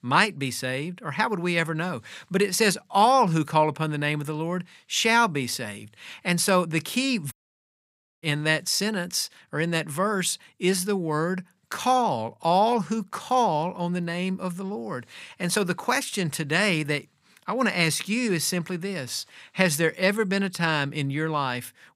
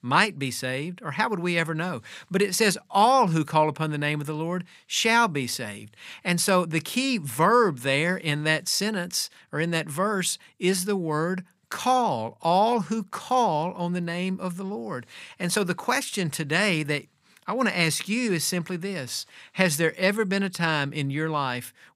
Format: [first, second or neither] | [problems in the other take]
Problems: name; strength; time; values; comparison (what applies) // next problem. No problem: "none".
second | audio cutting out; at 7.5 s for 1 s